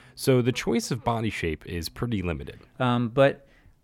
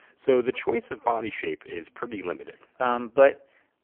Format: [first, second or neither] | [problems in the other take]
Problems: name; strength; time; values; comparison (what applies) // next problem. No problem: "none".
first | phone-call audio; poor line; nothing above 3 kHz